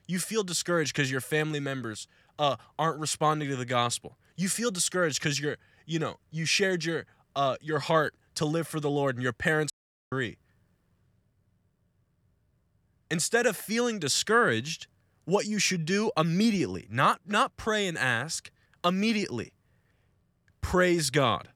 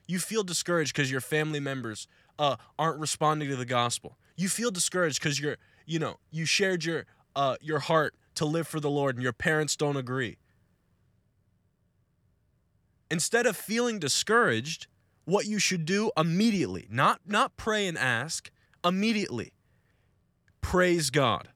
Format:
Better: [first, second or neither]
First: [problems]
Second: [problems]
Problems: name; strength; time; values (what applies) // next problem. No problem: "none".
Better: second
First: audio cutting out; at 9.5 s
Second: none